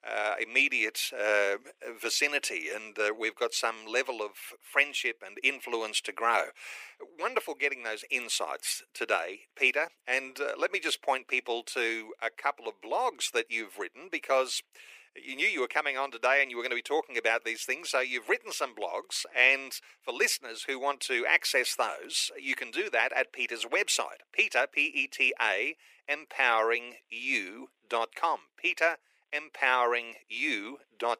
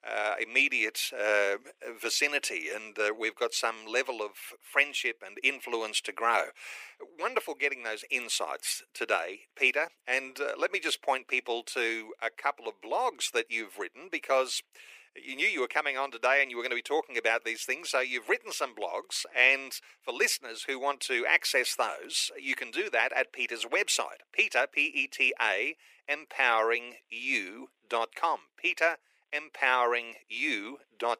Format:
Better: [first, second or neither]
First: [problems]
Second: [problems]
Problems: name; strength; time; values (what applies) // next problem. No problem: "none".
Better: neither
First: thin; very; fading below 400 Hz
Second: thin; very; fading below 400 Hz